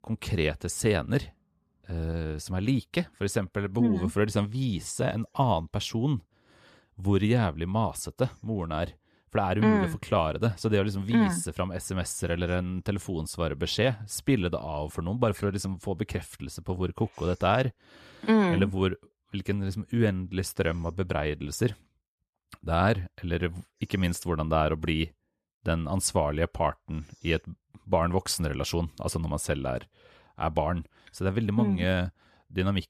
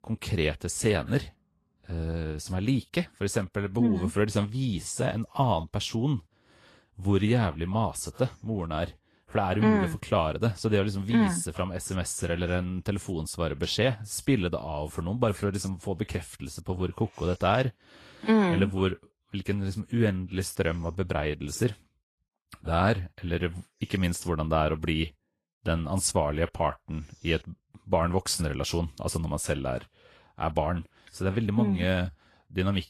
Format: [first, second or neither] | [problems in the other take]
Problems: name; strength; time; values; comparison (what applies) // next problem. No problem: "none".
first | garbled, watery; slightly